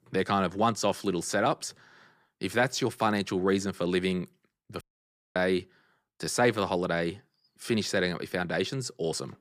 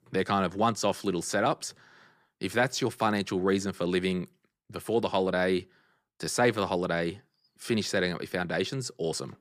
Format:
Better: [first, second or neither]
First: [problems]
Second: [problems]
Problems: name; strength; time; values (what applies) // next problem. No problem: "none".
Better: second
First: audio cutting out; at 5 s for 0.5 s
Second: none